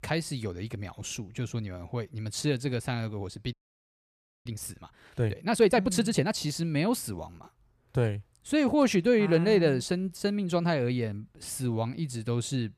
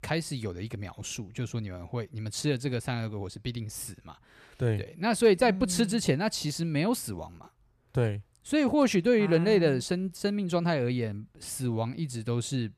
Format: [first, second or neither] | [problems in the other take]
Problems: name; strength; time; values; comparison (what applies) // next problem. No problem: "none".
second | audio freezing; at 3.5 s for 1 s